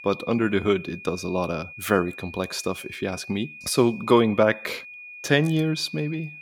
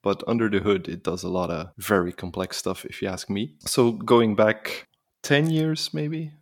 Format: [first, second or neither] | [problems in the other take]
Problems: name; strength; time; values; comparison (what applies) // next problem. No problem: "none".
second | high-pitched whine; noticeable; throughout; 2.5 kHz, 15 dB below the speech